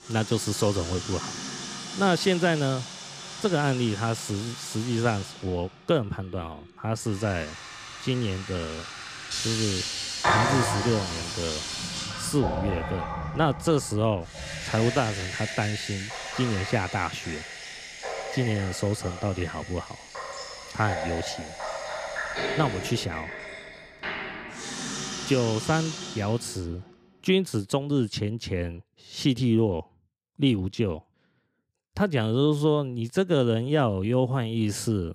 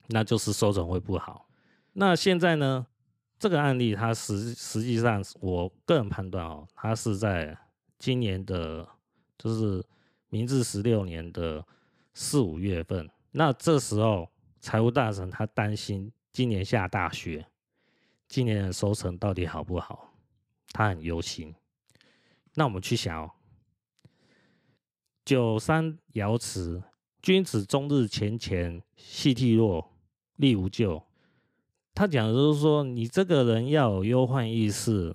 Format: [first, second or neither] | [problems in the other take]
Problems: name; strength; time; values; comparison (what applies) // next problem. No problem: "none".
second | household noises; loud; until 26 s; 5 dB below the speech